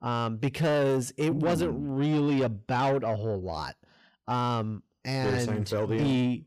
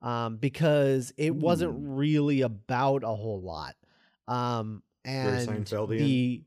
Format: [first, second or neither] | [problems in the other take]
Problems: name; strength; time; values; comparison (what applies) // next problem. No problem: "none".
second | distortion; slight; 10 dB below the speech